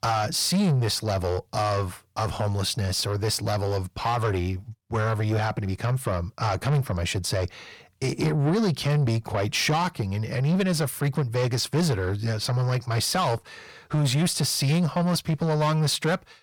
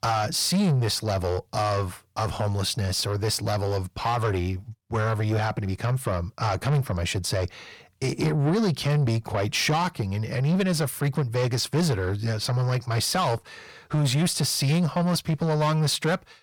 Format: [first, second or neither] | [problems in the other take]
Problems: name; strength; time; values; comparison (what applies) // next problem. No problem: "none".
neither | distortion; slight; 10 dB below the speech; the same in both